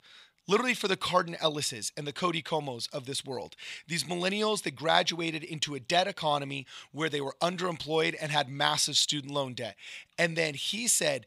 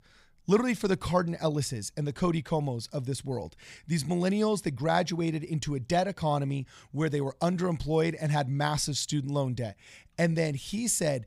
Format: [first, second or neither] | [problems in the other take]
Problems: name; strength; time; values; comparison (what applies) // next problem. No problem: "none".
second | thin; somewhat; fading below 1 kHz